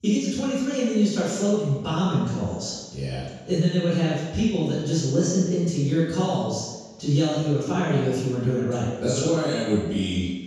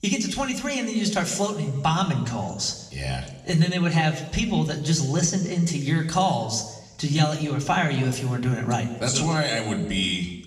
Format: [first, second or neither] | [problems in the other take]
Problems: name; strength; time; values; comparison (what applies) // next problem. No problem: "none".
second | room echo; strong; dies away in 1.2 s; slight in the second // off-mic speech; far; somewhat distant in the second